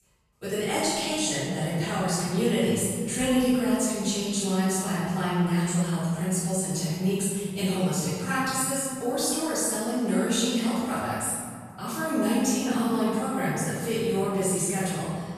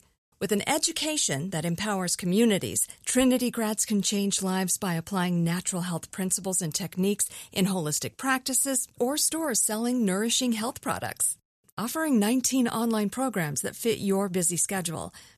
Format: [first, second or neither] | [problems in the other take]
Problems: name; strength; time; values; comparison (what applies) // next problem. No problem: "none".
second | room echo; strong; dies away in 2.3 s // off-mic speech; far